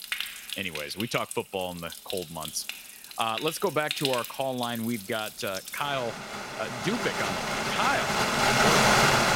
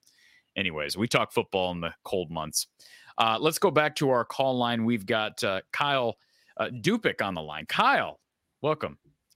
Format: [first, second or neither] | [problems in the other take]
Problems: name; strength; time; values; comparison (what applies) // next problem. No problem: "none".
second | rain or running water; very loud; throughout; 4 dB above the speech